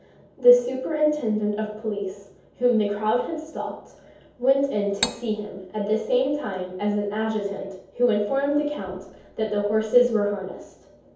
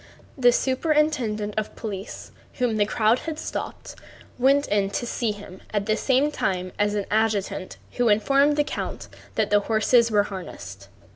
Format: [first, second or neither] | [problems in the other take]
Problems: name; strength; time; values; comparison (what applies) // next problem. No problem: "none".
second | background sound (Cutlery, silverware); 6 dB below the speech // room echo; dies away in 0.7 s